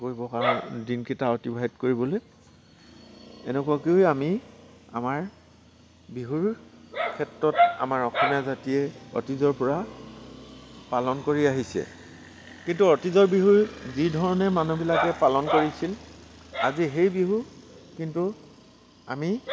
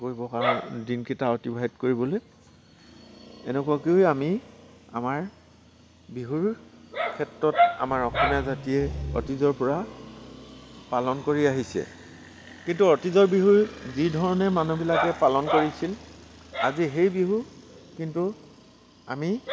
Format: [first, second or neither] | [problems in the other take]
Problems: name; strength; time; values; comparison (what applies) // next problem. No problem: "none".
first | background sound (Growling); 9 dB below the speech